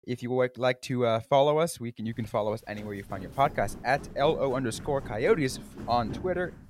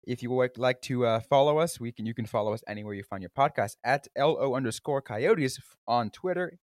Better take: second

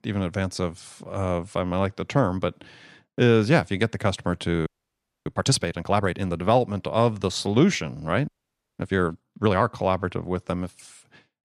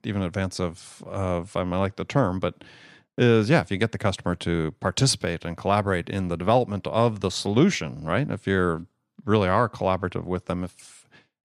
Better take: second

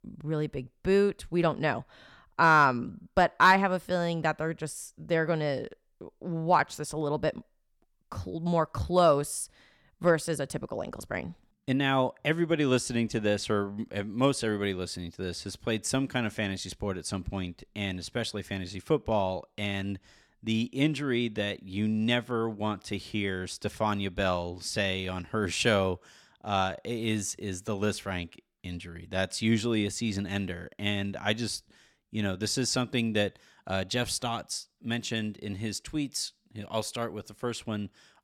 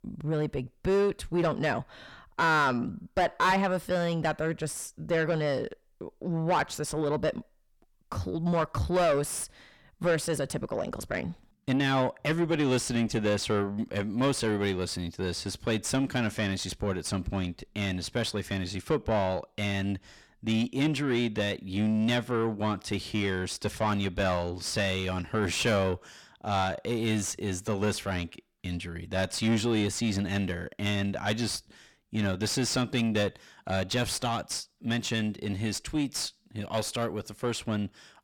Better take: first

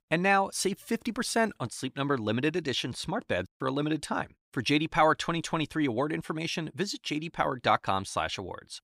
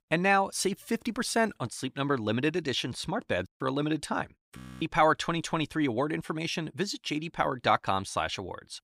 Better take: first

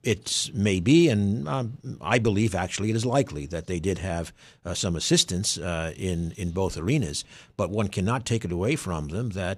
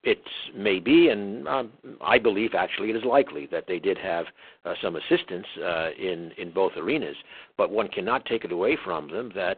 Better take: first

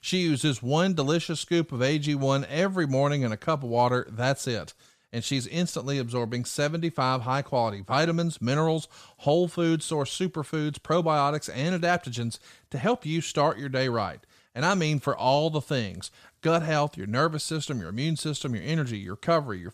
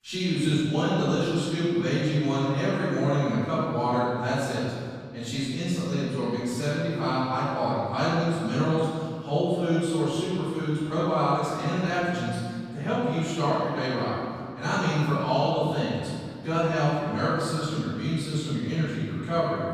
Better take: first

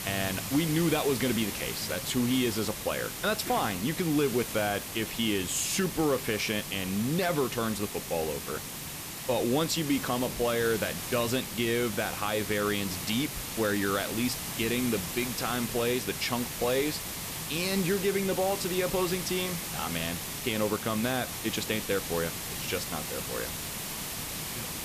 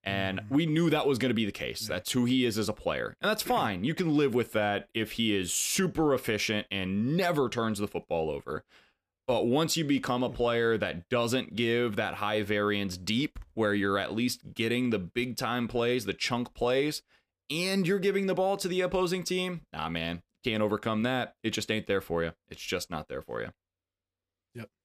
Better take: second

